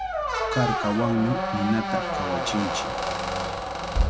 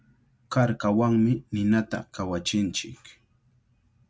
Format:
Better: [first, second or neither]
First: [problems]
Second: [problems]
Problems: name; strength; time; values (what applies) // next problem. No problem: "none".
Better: second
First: background sound (Squeak); 2 dB above the speech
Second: none